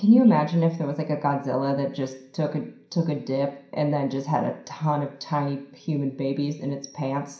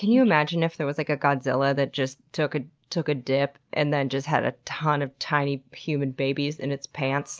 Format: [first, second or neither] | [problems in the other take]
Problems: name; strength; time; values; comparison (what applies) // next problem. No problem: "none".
second | room echo; dies away in 0.5 s